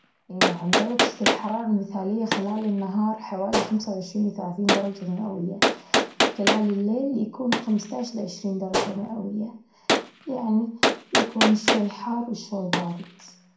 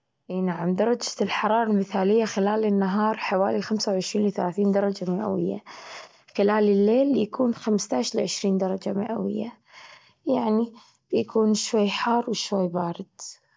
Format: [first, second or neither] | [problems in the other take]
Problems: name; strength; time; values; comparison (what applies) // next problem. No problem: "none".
second | background sound (Gunshot, gunfire); as loud as the speech // room echo; dies away in 0.5 s